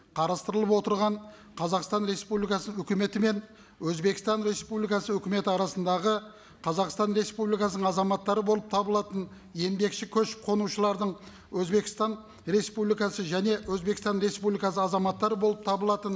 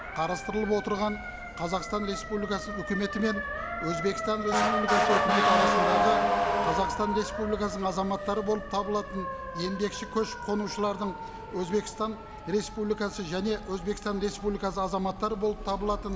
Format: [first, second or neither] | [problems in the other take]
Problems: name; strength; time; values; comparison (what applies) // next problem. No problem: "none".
first | background sound (Motor vehicle (road) / Siren); 1 dB below the speech